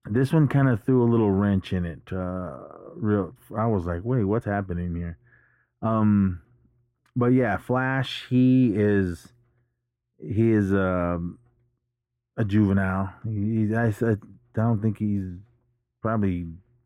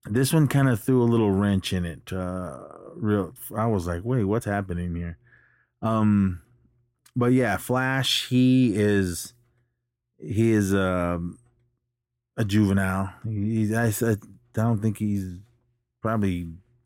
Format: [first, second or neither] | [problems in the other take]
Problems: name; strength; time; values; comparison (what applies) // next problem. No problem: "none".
second | muffled; very; fading above 3.5 kHz